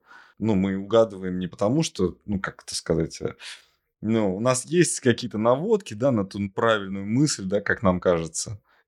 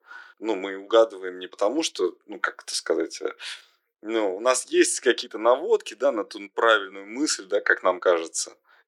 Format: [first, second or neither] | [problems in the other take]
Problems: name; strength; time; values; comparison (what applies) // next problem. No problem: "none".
first | thin; very; fading below 350 Hz